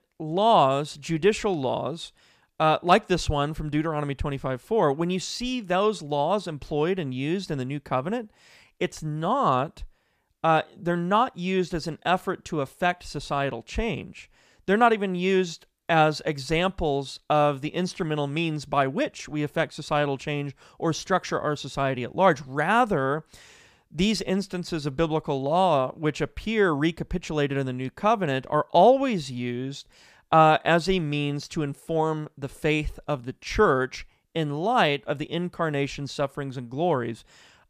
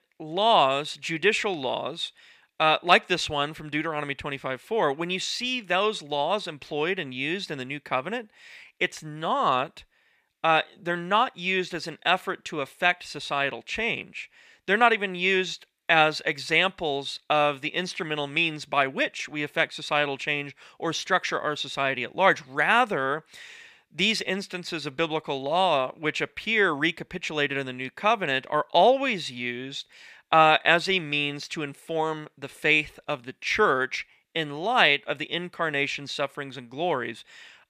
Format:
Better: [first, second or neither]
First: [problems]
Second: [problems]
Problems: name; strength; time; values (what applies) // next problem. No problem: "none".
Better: first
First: none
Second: thin; very slightly; fading below 700 Hz